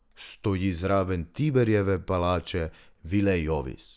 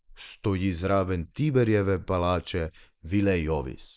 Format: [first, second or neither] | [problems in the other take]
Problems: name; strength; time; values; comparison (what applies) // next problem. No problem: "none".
first | noise reduction (neural mask model Resemble Enhance denoiser)